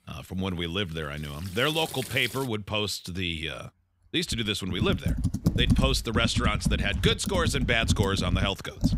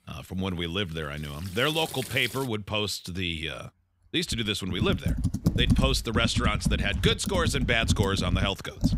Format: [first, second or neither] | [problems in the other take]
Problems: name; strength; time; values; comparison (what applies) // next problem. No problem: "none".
neither | household noises; loud; throughout; 2 dB below the speech; the same in both